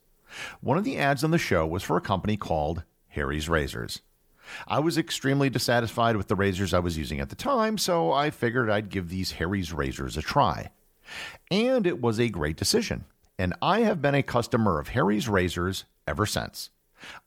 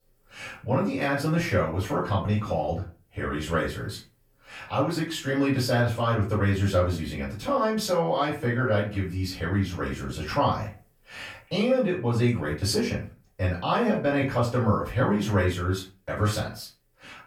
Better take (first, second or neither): first